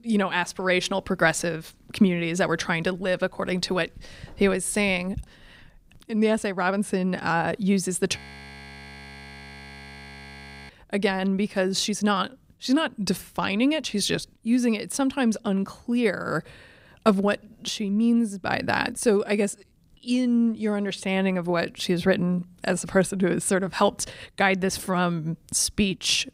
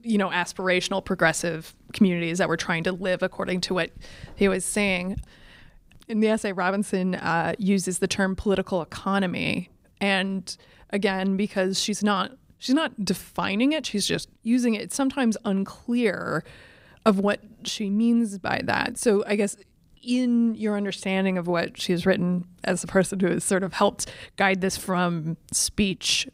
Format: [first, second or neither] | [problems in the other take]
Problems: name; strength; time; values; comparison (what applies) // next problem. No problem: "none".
second | audio freezing; at 8 s for 2.5 s